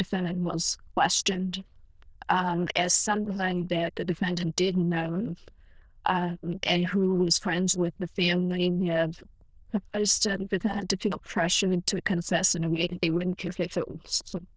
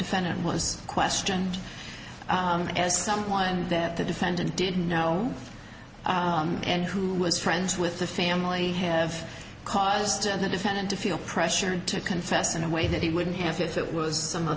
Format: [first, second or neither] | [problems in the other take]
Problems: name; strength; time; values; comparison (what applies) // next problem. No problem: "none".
second | noise reduction (neural diffusion model UNIVERSE++)